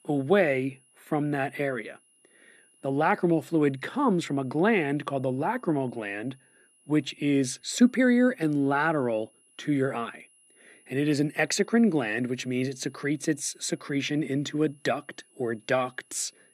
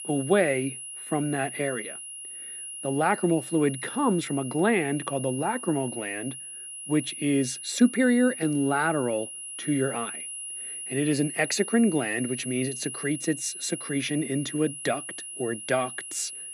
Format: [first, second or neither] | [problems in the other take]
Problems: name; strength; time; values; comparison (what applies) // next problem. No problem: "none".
first | high-pitched whine; loud; throughout; 10.5 kHz, 9 dB below the speech; faint in the first